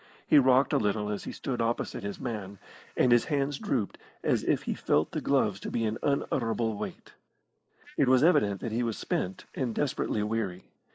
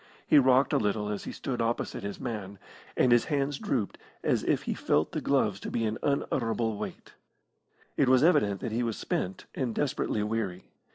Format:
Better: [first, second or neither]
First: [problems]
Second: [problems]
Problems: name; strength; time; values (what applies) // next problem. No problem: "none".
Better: second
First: noise reduction (neural mask model Resemble Enhance denoiser)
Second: none